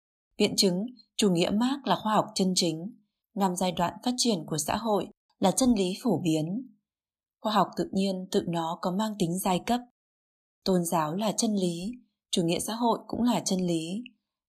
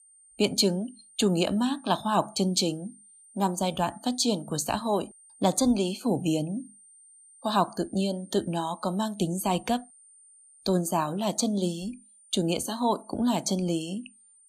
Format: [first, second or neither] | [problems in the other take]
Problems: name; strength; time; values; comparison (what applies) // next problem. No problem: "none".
first | high-pitched whine; faint; throughout; 9 kHz, 25 dB below the speech